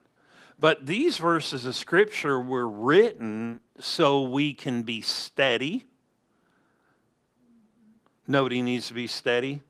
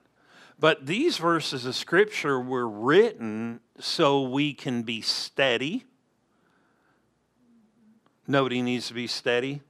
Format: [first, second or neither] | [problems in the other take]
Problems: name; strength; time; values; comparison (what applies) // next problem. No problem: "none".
second | garbled, watery; slightly; nothing above 15 kHz